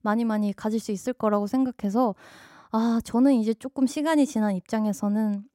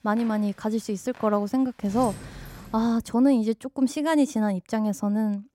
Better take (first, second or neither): first